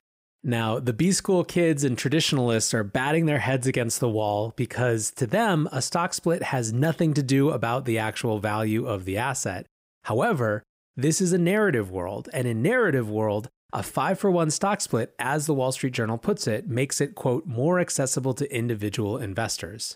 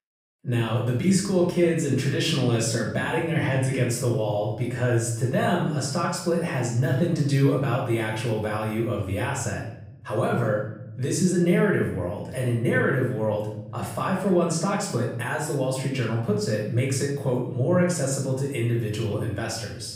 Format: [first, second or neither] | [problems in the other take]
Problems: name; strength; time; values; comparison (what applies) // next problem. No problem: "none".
first | off-mic speech; far // room echo; noticeable; dies away in 0.8 s